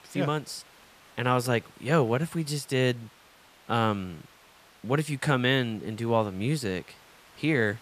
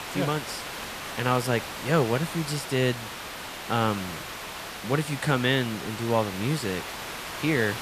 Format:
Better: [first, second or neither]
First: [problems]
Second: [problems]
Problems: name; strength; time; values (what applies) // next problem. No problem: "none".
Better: first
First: hiss; faint; throughout; 25 dB below the speech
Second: hiss; loud; throughout; 8 dB below the speech